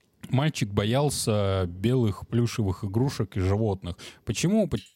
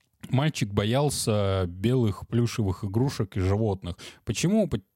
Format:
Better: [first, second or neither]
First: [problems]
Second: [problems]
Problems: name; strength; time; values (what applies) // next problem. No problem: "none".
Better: second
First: rain or running water; faint; throughout; 25 dB below the speech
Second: none